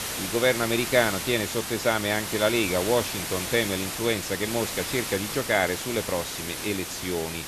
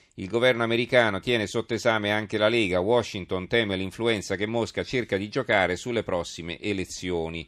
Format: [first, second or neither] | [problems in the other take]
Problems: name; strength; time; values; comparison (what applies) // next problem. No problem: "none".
second | hiss; loud; throughout; 4 dB below the speech